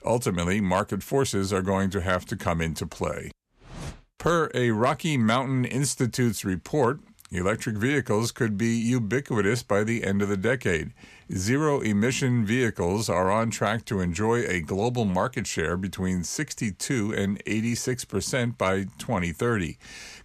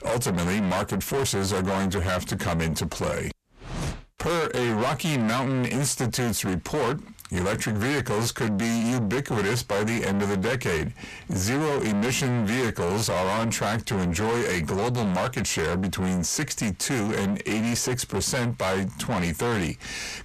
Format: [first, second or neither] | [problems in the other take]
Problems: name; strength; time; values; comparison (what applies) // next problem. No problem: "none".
first | distortion; heavy; 6 dB below the speech